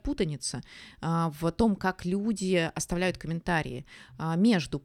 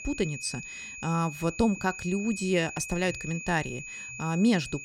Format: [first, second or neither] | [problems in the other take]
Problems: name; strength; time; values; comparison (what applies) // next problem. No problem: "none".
first | high-pitched whine; loud; throughout; 2.5 kHz, 9 dB below the speech